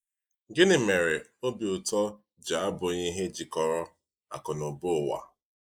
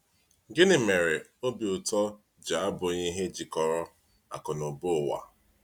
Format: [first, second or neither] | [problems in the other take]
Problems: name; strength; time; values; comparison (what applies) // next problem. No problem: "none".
second | noise reduction (neural mask model Resemble Enhance denoiser)